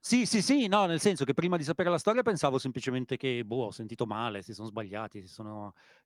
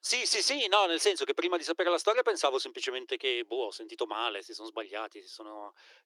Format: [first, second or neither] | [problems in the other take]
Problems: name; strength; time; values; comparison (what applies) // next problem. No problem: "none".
first | thin; very; fading below 350 Hz